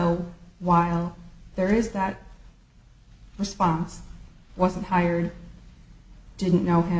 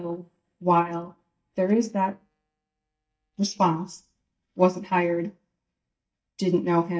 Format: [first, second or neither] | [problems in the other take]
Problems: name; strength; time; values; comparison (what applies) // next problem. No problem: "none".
first | noise reduction (neural mask model DeepFilterNet 3)